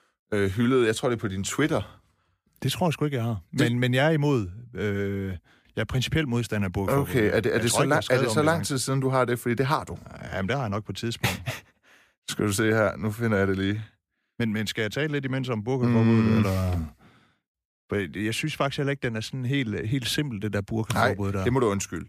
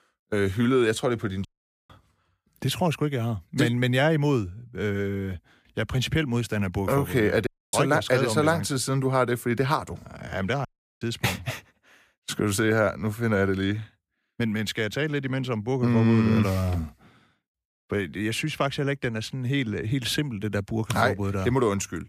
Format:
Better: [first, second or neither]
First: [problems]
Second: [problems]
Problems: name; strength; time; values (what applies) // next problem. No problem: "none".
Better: first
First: none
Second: audio cutting out; at 1.5 s, at 7.5 s and at 11 s